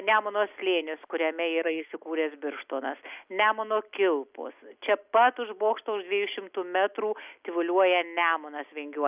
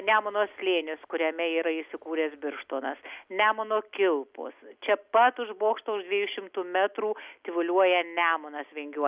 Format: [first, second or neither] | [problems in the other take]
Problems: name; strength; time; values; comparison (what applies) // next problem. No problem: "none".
second | noise reduction (neural mask model Resemble Enhance denoiser)